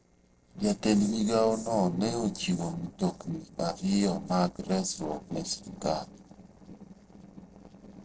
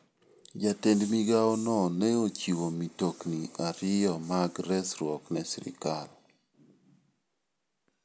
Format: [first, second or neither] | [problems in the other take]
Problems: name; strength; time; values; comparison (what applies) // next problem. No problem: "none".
second | noise reduction (neural separator model SepFormer DNS4)